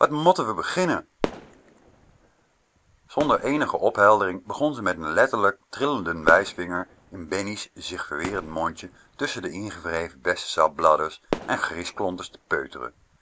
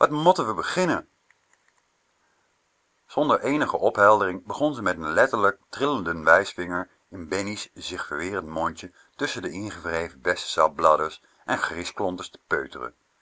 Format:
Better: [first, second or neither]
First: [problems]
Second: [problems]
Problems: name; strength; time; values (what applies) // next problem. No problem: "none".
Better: second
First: background sound (Fireworks); 15 dB below the speech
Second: none